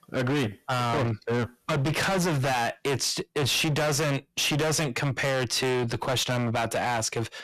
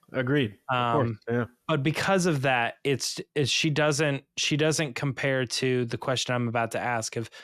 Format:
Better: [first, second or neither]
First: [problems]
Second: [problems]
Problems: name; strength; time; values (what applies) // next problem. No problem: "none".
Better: second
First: distortion; heavy; 32% of the sound clipped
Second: none